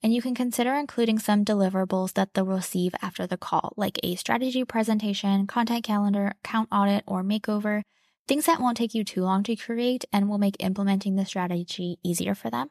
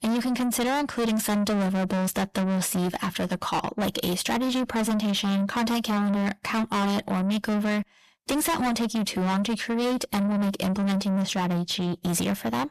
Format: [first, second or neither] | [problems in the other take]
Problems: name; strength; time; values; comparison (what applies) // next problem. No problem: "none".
first | distortion; heavy; 6 dB below the speech